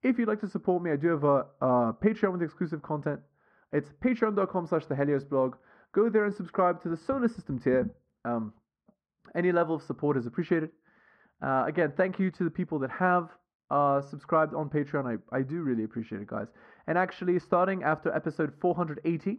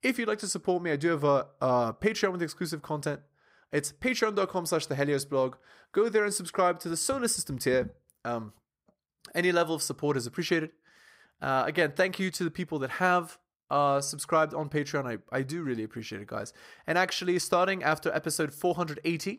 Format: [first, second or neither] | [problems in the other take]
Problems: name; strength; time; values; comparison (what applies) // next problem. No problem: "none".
second | muffled; very; fading above 1.5 kHz